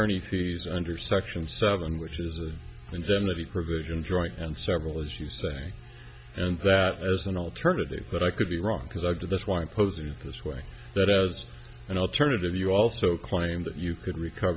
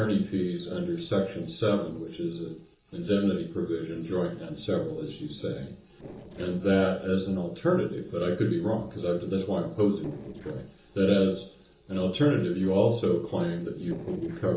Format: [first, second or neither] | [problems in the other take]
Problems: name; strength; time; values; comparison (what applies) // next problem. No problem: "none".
first | noise reduction (neural separator model SepFormer DNS4)